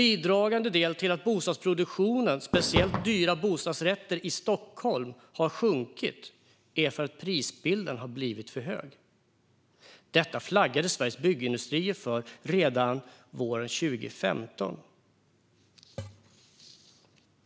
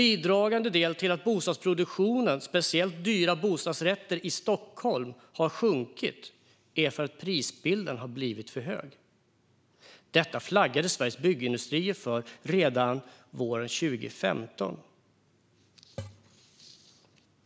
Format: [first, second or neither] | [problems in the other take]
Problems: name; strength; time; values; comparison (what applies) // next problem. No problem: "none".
second | background sound (Fireworks); 3 dB below the speech